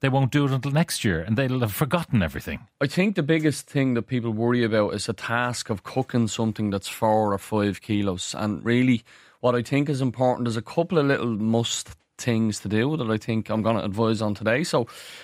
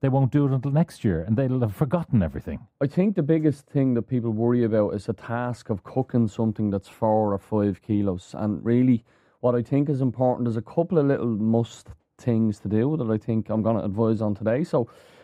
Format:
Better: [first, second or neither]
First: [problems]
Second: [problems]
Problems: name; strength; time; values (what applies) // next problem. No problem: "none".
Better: first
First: none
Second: muffled; very; fading above 1.5 kHz